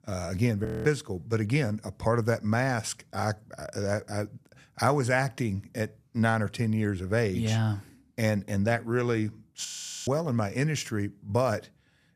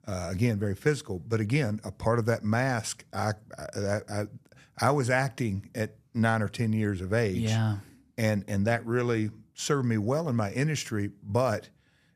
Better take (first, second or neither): second